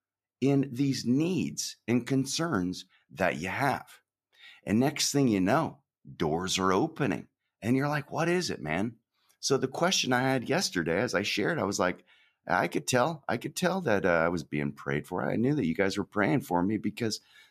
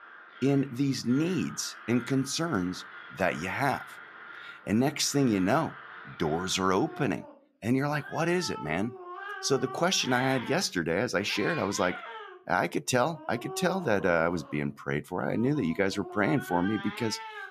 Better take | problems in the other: first | animal sounds; noticeable; throughout; 15 dB below the speech

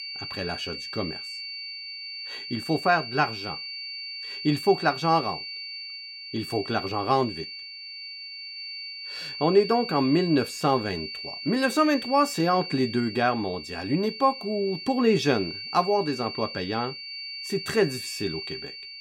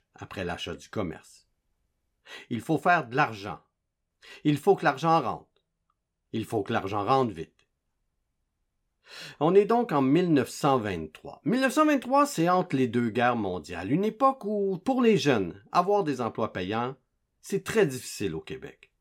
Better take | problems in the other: second | high-pitched whine; loud; throughout; 4.5 kHz, 9 dB below the speech

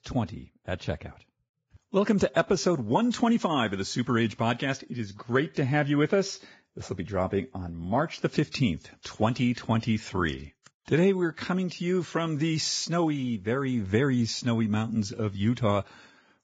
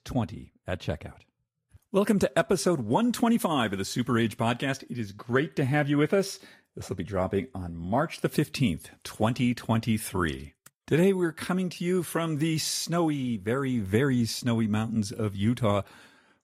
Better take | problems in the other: second | garbled, watery; badly; nothing above 7.5 kHz; slightly in the second

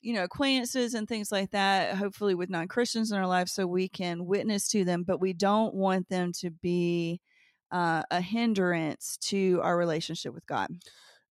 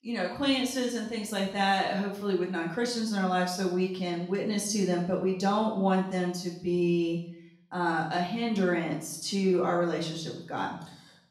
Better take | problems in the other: first | room echo; noticeable; dies away in 0.6 s // off-mic speech; far

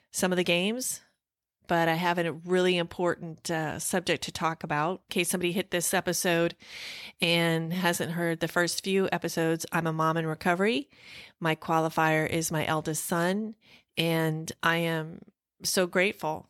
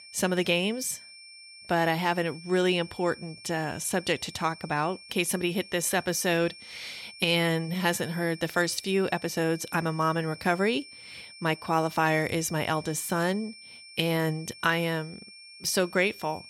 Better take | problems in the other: first | high-pitched whine; noticeable; throughout; 5.5 kHz, 15 dB below the speech

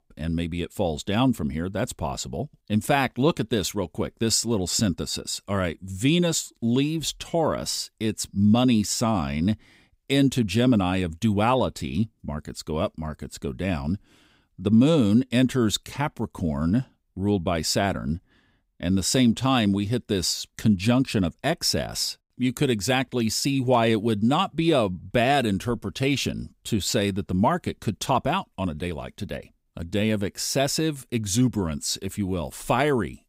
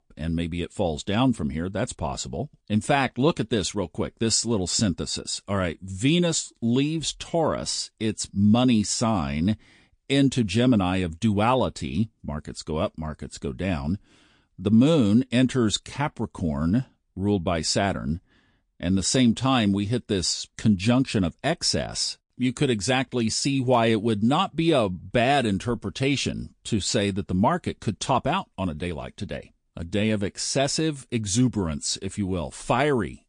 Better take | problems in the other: first | garbled, watery; slightly; nothing above 9 kHz

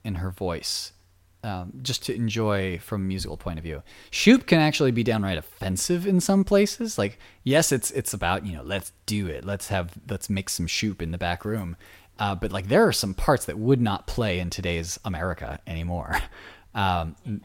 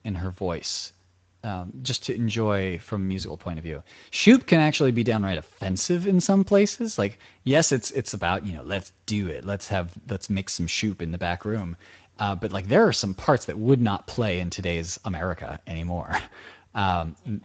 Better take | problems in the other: first | garbled, watery; slightly; nothing above 7.5 kHz

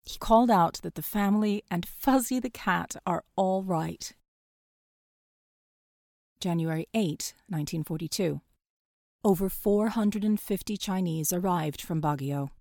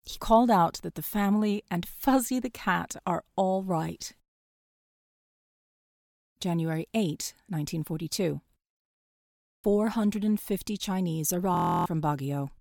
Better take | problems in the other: first | audio freezing; at 9 s and at 12 s

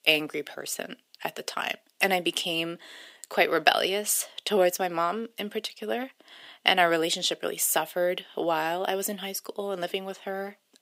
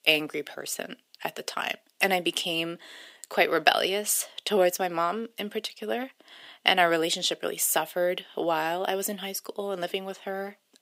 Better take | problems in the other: neither | thin; very; fading below 400 Hz; the same in both

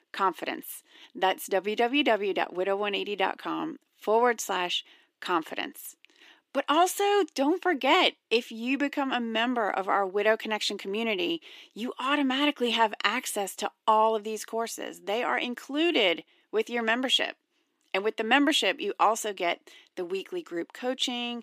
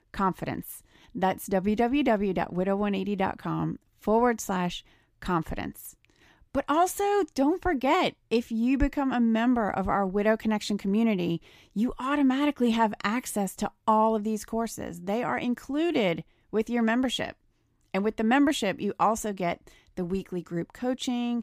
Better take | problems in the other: second | thin; very slightly; fading below 300 Hz

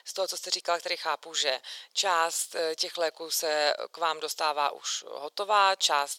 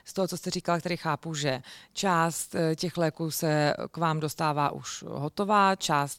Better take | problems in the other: second | thin; very; fading below 500 Hz

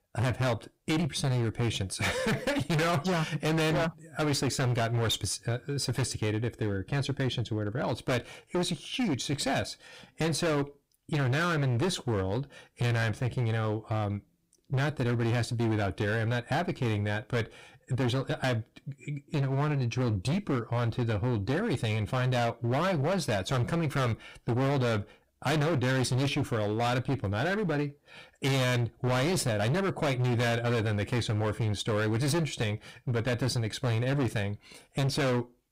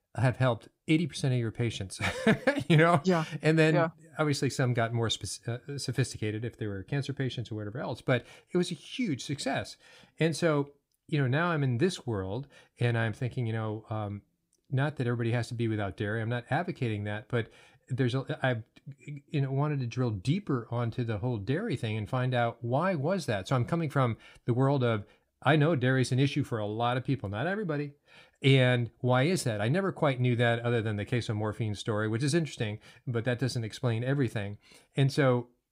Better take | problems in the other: second | distortion; heavy; 25% of the sound clipped

